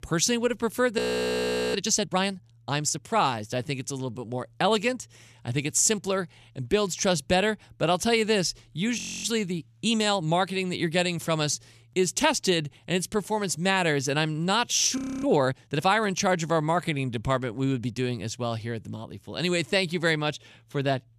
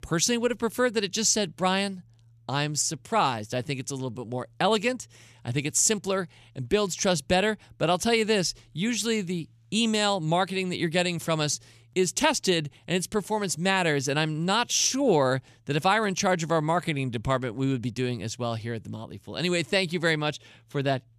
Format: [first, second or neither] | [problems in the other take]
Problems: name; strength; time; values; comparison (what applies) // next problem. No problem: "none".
second | audio freezing; at 1 s for 1 s, at 9 s and at 15 s